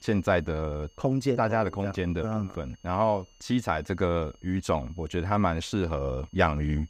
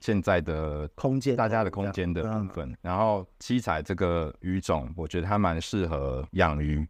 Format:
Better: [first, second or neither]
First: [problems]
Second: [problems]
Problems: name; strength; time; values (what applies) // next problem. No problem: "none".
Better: second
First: high-pitched whine; faint; throughout; 3 kHz, 35 dB below the speech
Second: none